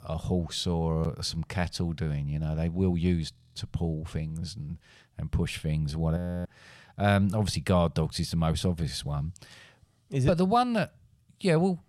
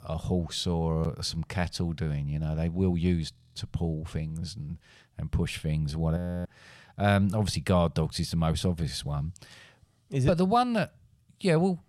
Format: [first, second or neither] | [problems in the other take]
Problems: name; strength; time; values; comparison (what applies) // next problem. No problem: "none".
neither | audio freezing; at 3.5 s and at 6 s; the same in both